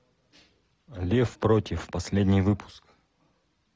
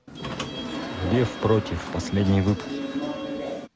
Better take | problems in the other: first | background sound (Subway, metro, underground / Sliding door); 6 dB below the speech

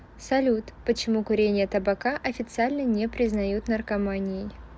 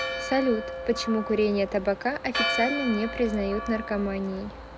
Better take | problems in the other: first | background sound (Church bell); 7 dB below the speech

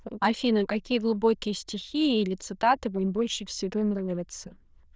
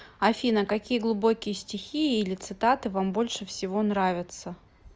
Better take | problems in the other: second | noise reduction (neural diffusion model UNIVERSE++)

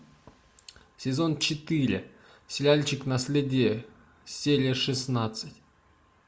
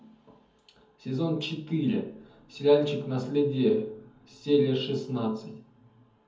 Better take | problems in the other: first | room echo; dies away in 0.6 s

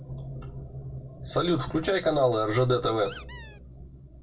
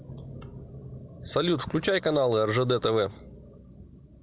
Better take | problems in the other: second | background sound (Squeak); 19 dB below the speech // room echo; dies away in 0.2 s

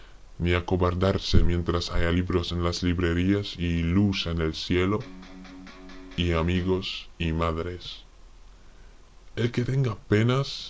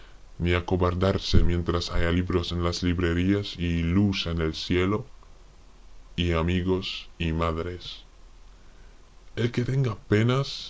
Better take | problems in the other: second | background sound (Electric guitar); 19 dB below the speech

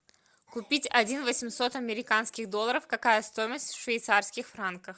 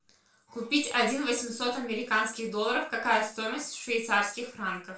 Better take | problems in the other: first | room echo; dies away in 0.3 s

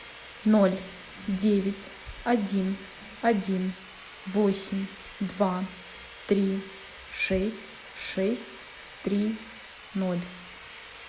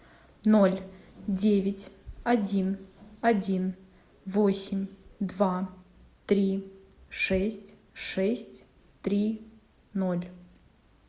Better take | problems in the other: second | background sound (Sawing); 17 dB below the speech

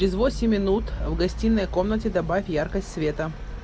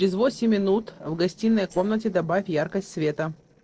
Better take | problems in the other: first | noise reduction (neural separator model SepFormer DNS4)

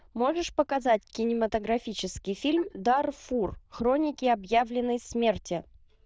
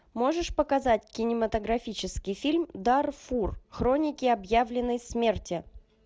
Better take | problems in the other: second | noise reduction (neural diffusion model UNIVERSE++)

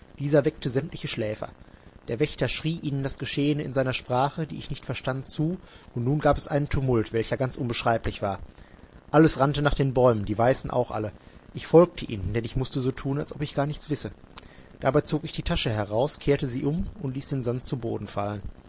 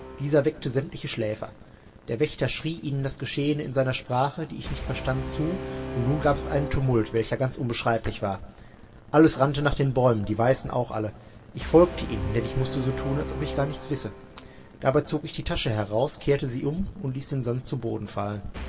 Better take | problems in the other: first | background sound (Brass instrument); 13 dB below the speech // room echo; dies away in 2.7 s

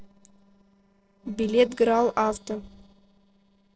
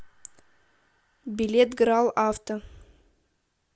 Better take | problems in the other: second | noise reduction (neural separator model SepFormer DNS4)

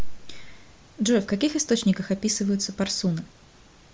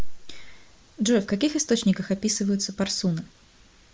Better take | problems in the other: first | noise reduction (neural mask model Resemble Enhance denoiser)

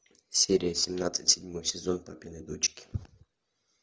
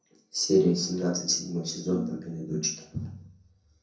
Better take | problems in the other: first | background sound (Brass instrument); 10 dB below the speech // room echo; dies away in 0.6 s

